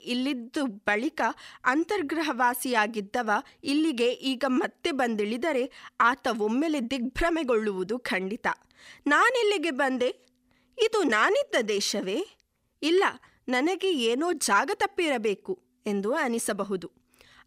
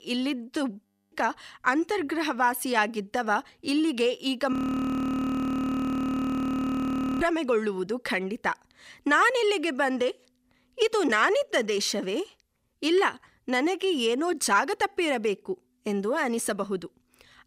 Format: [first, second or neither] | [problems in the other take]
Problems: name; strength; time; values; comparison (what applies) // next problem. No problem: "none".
first | audio freezing; at 1 s and at 4.5 s for 2.5 s